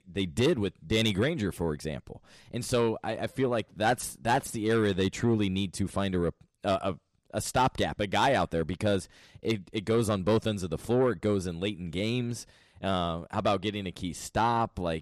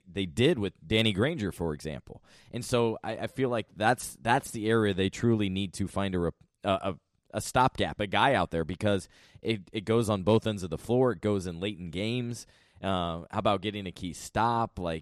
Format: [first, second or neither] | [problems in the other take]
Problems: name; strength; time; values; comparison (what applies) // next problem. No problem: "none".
second | distortion; slight; 10 dB below the speech